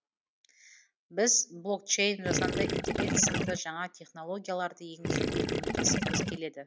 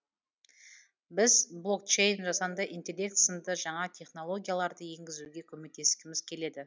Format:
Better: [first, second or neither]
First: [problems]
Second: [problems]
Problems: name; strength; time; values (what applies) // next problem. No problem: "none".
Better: second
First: background sound (Gurgling / Liquid); 3 dB above the speech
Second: none